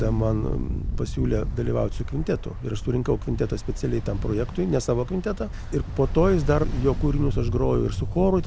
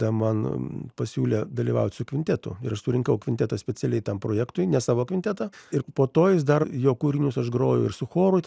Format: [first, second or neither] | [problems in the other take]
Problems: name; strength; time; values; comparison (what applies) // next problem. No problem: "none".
second | background sound (Ocean); 3 dB below the speech